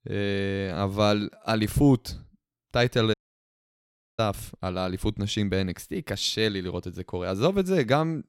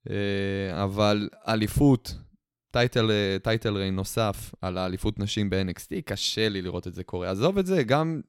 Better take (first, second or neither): second